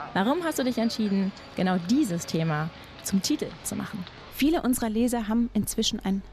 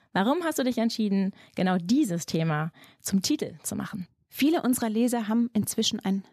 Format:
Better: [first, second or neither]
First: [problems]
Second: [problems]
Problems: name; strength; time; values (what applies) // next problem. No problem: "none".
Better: second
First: traffic noise; noticeable; throughout; 20 dB below the speech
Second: none